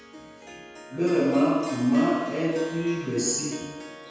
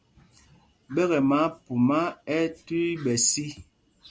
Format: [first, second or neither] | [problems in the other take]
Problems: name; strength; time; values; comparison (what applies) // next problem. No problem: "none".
second | background sound (Harp); 15 dB below the speech // room echo; dies away in 1.2 s